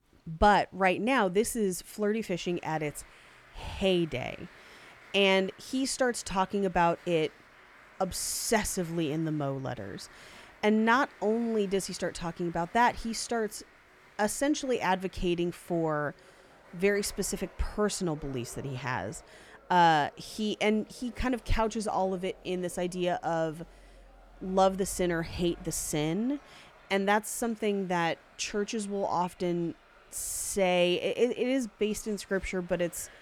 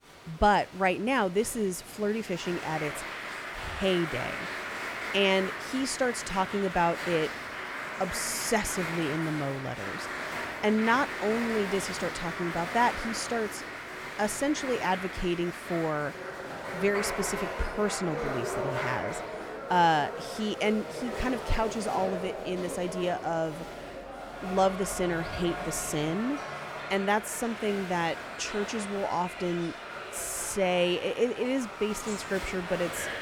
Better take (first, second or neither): first